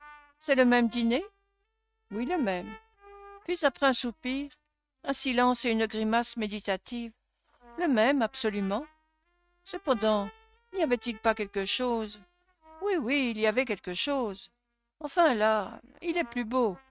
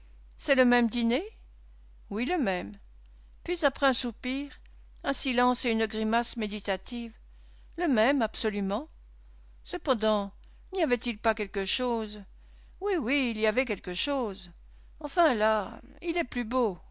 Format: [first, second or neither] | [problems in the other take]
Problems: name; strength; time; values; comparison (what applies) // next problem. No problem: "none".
second | noise reduction (neural mask model RNNoise)